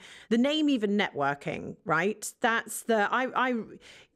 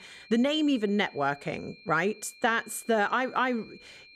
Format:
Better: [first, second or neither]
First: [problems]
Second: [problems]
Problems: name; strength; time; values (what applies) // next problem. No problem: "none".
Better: first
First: none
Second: high-pitched whine; faint; throughout; 2.5 kHz, 25 dB below the speech